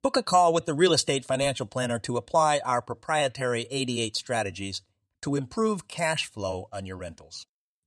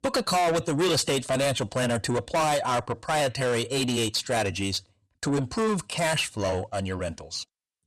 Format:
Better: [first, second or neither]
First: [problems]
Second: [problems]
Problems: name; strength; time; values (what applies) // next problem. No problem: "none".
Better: first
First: none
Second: distortion; heavy; 6 dB below the speech